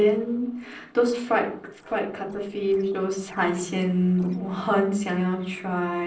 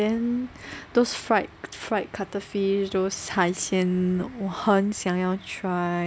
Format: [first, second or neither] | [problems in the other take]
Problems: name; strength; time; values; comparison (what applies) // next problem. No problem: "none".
second | noise reduction (neural separator model SepFormer DNS4)